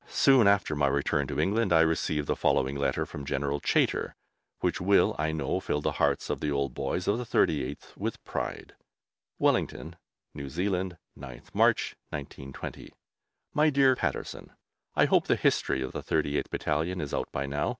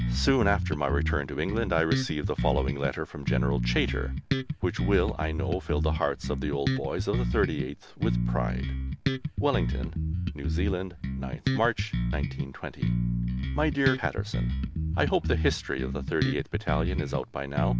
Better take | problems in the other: first | background sound (Bass guitar); 1 dB above the speech

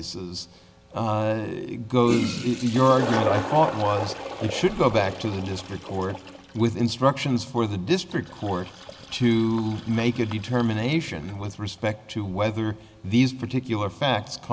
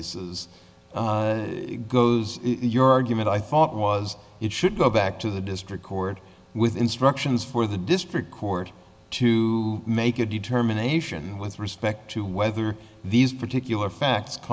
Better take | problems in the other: second | background sound (Toilet flush); 11 dB below the speech

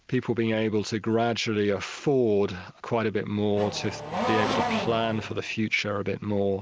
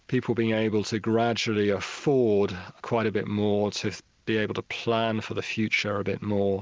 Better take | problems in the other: second | background sound (Race car, auto racing / Accelerating, revving, vroom); 4 dB below the speech

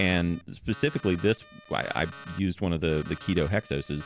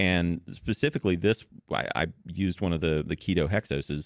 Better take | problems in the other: second | background sound (Alarm); 19 dB below the speech

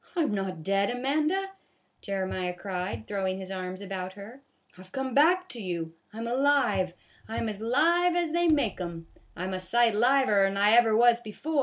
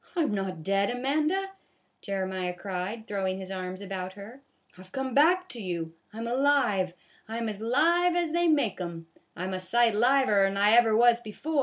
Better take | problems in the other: second | background sound (Walk, footsteps / Bird vocalization, bird call, bird song + Bass drum); 19 dB below the speech

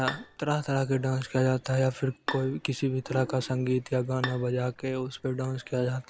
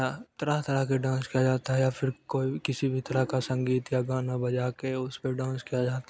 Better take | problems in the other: second | background sound (Bowed string instrument); 14 dB below the speech

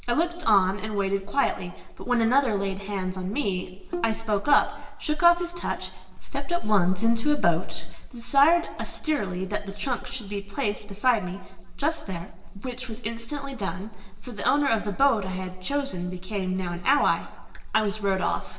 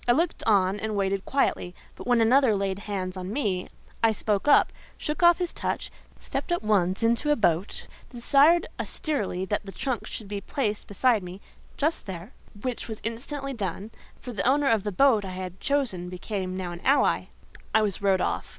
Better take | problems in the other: second | noise reduction (neural separator model SepFormer DNS4)

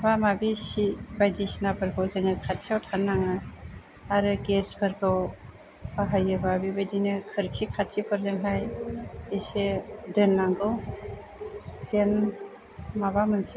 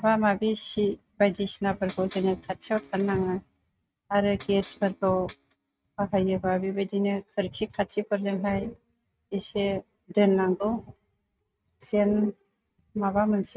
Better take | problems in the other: first | noise reduction (neural mask model RNNoise)

